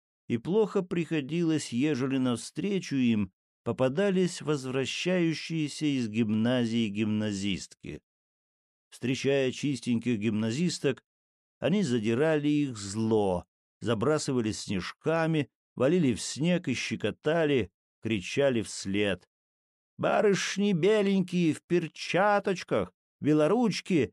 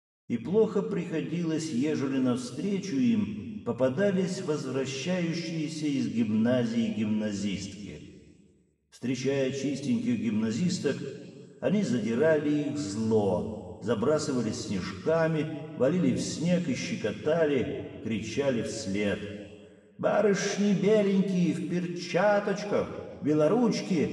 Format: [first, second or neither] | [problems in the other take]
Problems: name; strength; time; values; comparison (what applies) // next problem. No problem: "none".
first | room echo; noticeable; dies away in 1.6 s // off-mic speech; far